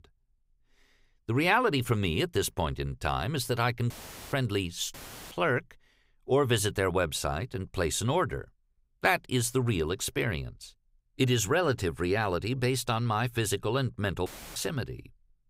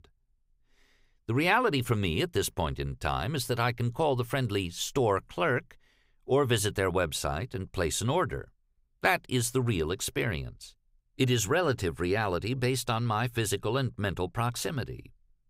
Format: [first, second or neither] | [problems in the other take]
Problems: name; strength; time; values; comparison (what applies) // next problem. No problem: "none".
second | audio cutting out; filled with static; at 4 s, at 5 s and at 14 s